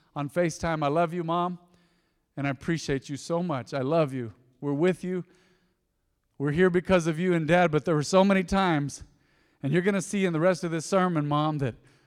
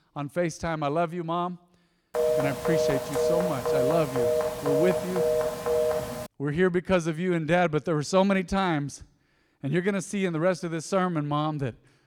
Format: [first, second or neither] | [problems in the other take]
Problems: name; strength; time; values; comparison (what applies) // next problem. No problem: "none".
first | phone ringing; loud; from 2 to 6.5 s; peak 2 dB above the speech